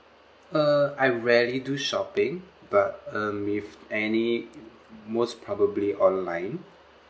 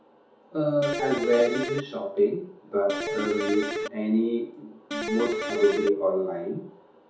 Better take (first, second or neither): first